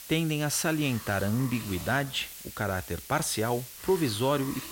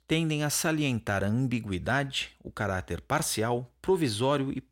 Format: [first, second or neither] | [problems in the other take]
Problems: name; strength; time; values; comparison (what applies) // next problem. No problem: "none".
second | hiss; noticeable; throughout; 10 dB below the speech